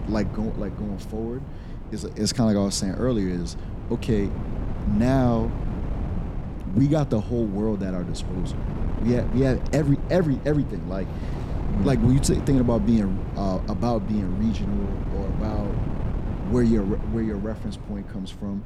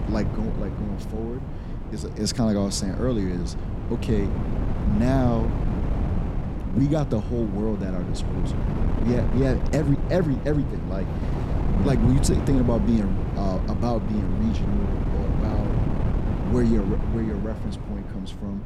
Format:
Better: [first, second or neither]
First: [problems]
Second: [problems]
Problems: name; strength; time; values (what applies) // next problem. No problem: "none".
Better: first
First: wind noise on the microphone; occasional gusts; 10 dB below the speech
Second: wind noise on the microphone; heavy; 6 dB below the speech